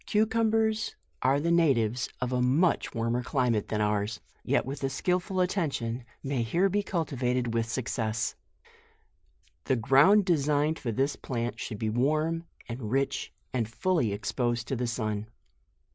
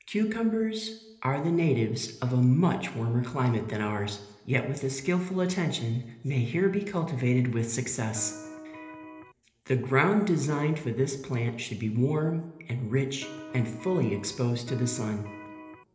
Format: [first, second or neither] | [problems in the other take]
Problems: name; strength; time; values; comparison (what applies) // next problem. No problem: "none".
first | background sound (Electric guitar); 15 dB below the speech // room echo; dies away in 1 s